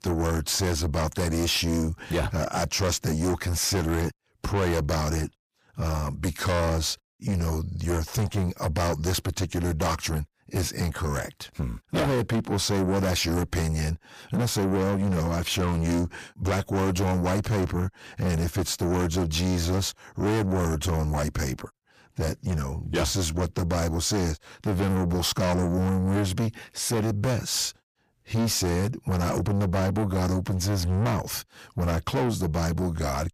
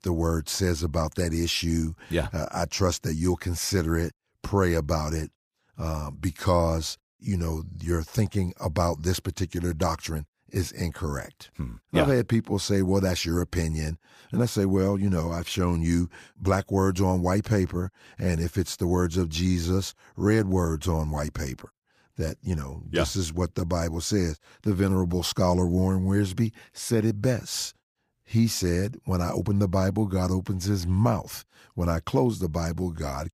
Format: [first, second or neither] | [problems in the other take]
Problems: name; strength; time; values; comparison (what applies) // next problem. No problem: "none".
second | distortion; heavy; 6 dB below the speech